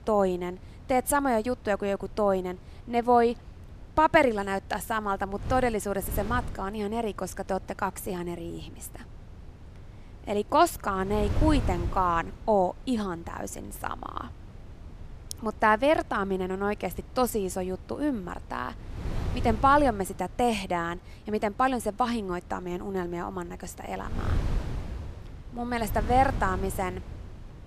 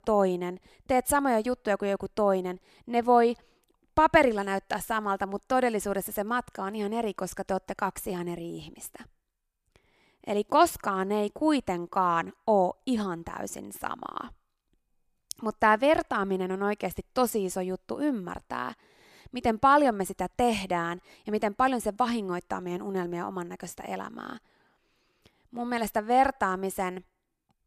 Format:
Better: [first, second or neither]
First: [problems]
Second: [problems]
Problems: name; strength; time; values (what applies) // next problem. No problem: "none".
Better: second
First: wind noise on the microphone; occasional gusts; 20 dB below the speech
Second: none